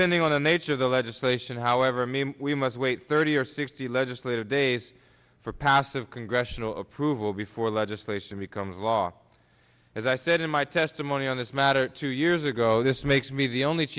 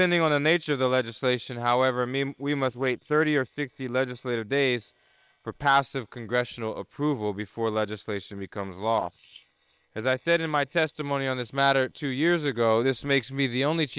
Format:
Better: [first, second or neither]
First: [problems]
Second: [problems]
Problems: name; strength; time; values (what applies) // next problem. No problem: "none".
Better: first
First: none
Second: noise reduction (neural separator model SepFormer WHAM!)